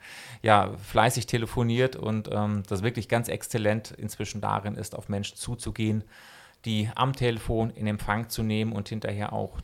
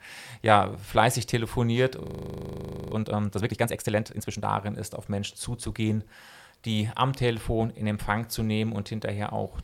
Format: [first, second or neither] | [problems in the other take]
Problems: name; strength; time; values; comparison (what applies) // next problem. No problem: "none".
first | audio freezing; at 2 s for 1 s